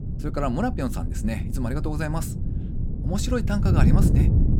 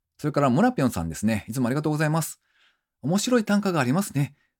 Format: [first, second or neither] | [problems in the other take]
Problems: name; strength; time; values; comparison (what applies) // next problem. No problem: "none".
second | wind noise on the microphone; heavy; 5 dB below the speech